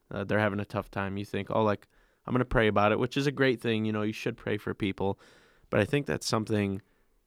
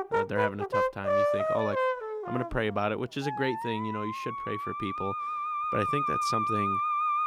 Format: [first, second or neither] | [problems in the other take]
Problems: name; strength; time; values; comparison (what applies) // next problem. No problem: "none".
first | background music; very loud; throughout; 3 dB above the speech